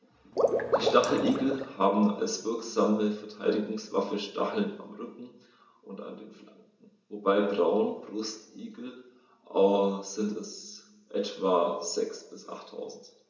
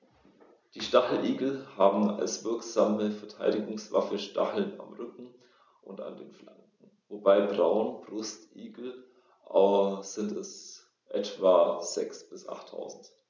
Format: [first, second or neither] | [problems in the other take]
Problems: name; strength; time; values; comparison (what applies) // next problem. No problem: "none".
second | background sound (Water / Liquid); 1 dB above the speech // room echo; dies away in 1.1 s